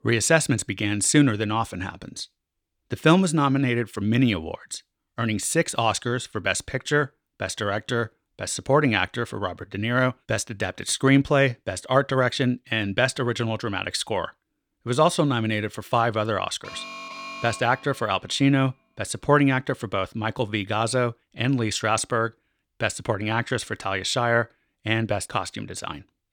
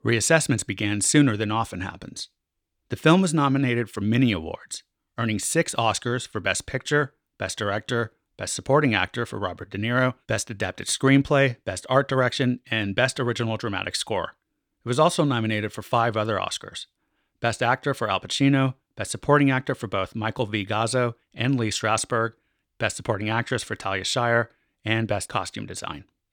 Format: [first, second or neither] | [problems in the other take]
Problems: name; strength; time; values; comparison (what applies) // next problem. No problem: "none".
second | alarm; faint; from 17 to 18 s; peak 10 dB below the speech